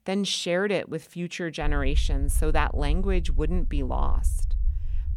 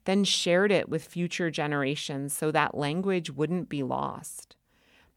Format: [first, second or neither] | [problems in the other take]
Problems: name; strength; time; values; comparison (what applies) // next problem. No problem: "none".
second | low rumble; faint; from 1.5 s on; 20 dB below the speech